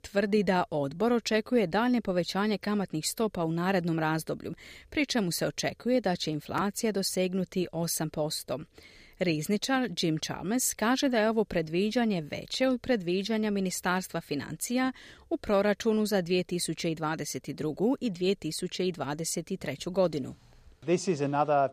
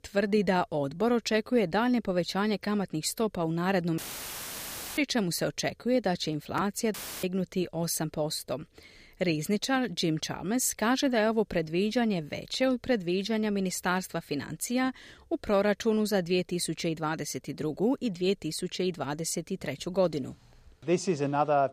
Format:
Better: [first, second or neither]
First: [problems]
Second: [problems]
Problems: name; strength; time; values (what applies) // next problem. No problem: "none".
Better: first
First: none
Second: audio cutting out; filled with static; at 4 s for 1 s and at 7 s